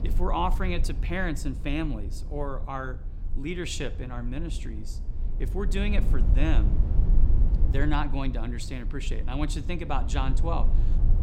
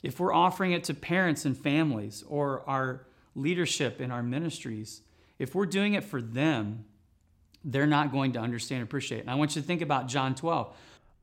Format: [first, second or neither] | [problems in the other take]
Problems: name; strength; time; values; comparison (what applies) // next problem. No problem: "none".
second | low rumble; noticeable; throughout; 15 dB below the speech